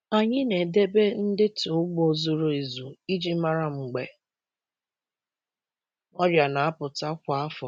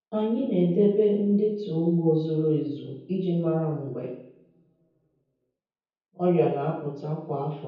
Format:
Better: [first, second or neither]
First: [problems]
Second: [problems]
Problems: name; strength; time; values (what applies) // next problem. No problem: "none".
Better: first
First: none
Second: room echo; dies away in 0.9 s